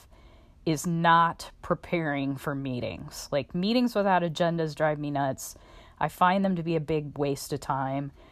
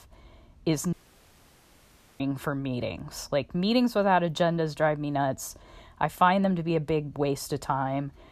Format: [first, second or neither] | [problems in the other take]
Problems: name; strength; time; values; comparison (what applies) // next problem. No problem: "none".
first | audio cutting out; at 1 s for 1.5 s